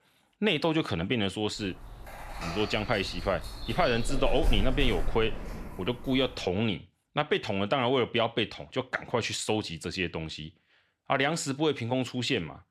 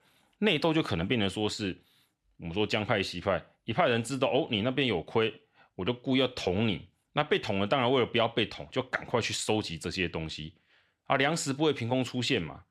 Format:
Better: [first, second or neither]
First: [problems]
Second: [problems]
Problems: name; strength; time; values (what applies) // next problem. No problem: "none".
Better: second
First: dog barking; noticeable; from 2.5 to 6.5 s; peak 3 dB below the speech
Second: none